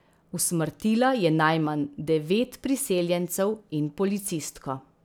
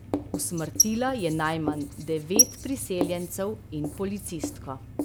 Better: first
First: none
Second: background sound (Writing); as loud as the speech

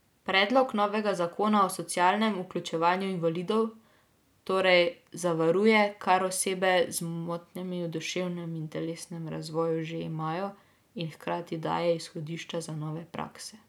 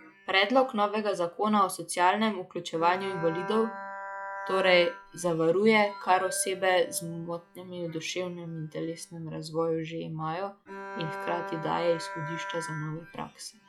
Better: first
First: none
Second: noise reduction (classical method log-MMSE)

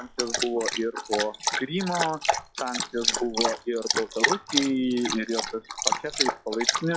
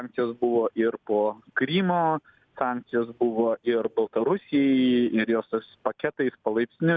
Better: second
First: noise reduction (classical method log-MMSE)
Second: none

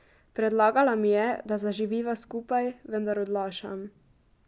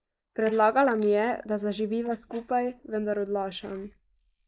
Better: first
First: none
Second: noise reduction (neural mask model Resemble Enhance denoiser)

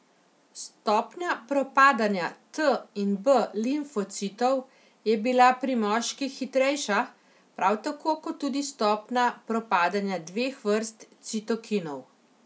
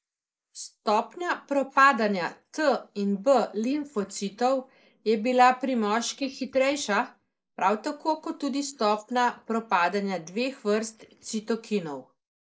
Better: first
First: none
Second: noise reduction (neural mask model Resemble Enhance denoiser)

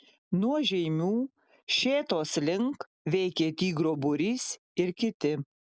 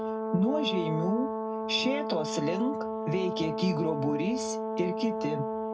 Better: first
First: none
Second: background sound (Brass instrument); 2 dB below the speech // room echo; dies away in 0.4 s

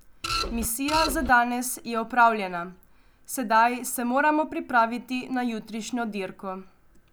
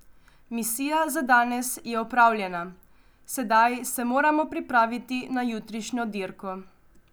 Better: second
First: background sound (Printer); 3 dB below the speech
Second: none

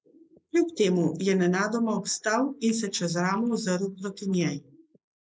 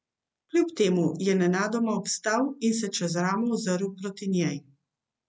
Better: second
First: noise reduction (neural mask model Resemble Enhance denoiser)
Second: none

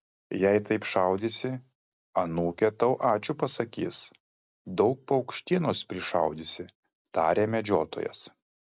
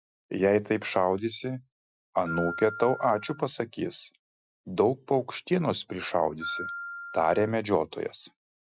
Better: first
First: none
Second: noise reduction (classical method Wiener filter)

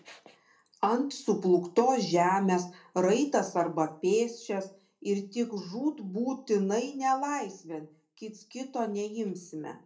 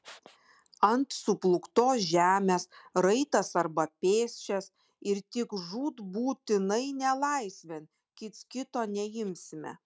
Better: second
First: room echo; dies away in 0.3 s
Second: none

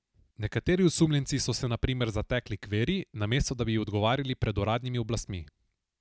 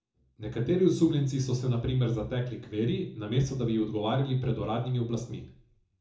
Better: first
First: none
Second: room echo; dies away in 0.6 s

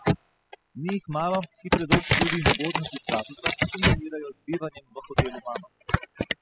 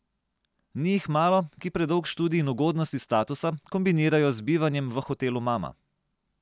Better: second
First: noise reduction (classical method spectral subtraction)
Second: none

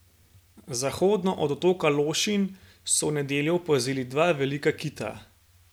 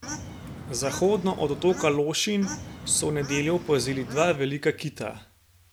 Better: first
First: none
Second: background sound (Bird / Fowl); 11 dB below the speech

